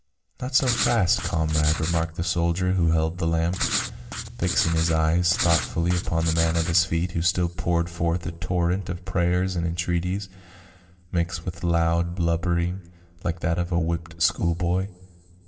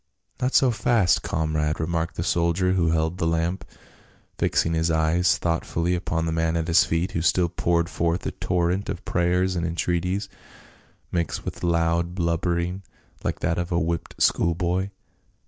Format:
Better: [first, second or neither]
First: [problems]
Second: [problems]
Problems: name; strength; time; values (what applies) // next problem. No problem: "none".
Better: second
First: background sound (Writing); 6 dB below the speech // room echo; dies away in 0.4 s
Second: none